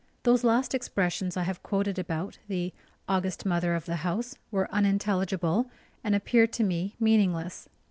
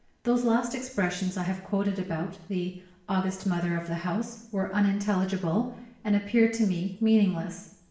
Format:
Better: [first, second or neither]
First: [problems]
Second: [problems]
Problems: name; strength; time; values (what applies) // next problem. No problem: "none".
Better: first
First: none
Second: room echo; dies away in 0.7 s